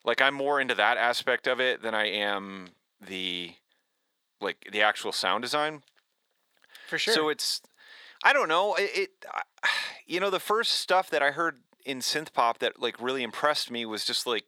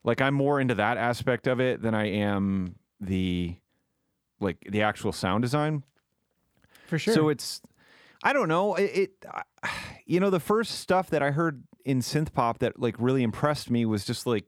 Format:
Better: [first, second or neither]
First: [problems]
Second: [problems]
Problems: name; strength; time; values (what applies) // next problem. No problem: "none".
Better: second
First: thin; very; fading below 550 Hz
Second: none